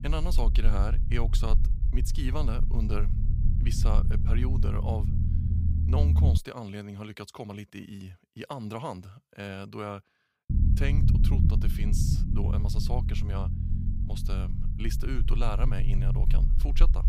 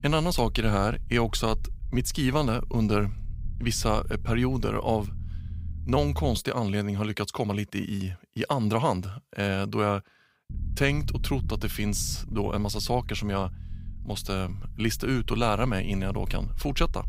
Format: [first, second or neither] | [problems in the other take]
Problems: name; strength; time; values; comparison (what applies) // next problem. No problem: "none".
second | low rumble; loud; until 6.5 s and from 11 s on; 4 dB below the speech; faint in the second